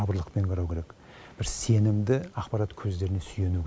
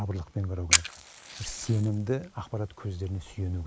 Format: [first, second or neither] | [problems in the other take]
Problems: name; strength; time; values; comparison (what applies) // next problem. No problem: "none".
first | noise reduction (neural mask model Resemble Enhance denoiser)